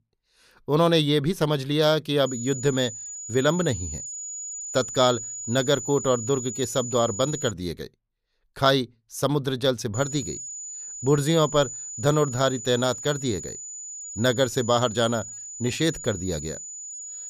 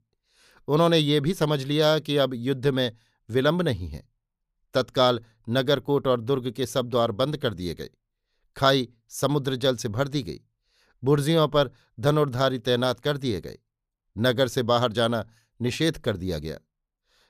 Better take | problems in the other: second | high-pitched whine; loud; from 2.5 to 7.5 s and from 10 s on; 7 kHz, 9 dB below the speech

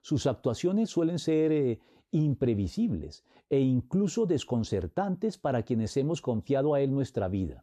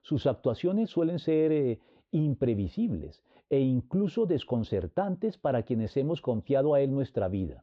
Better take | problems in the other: first | muffled; very; fading above 3.5 kHz

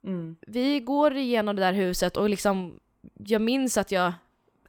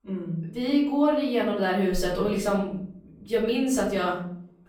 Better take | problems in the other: first | off-mic speech; far // room echo; noticeable; dies away in 0.6 s

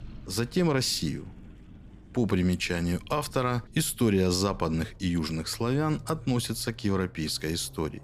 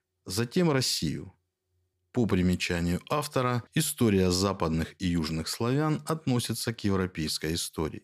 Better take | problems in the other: second | traffic noise; faint; throughout; 20 dB below the speech

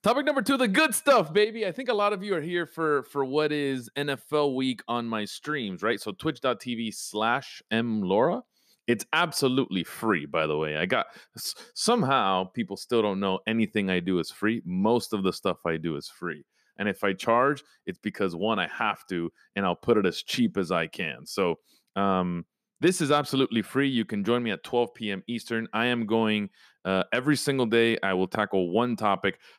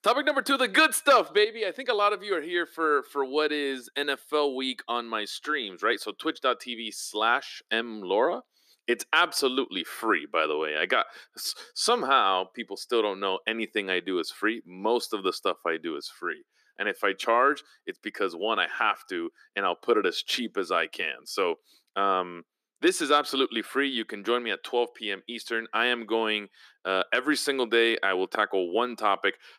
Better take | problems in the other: first | thin; somewhat; fading below 300 Hz

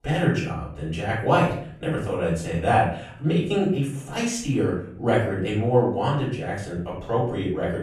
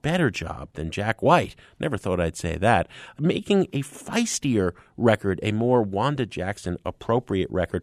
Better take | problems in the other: second | room echo; noticeable; dies away in 0.5 s // off-mic speech; far

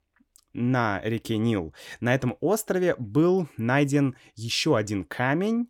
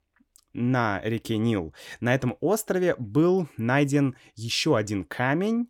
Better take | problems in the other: neither | none

